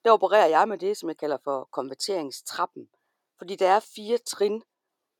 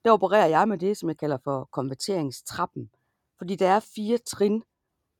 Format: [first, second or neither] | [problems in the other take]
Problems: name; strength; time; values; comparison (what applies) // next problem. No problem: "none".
second | thin; somewhat; fading below 450 Hz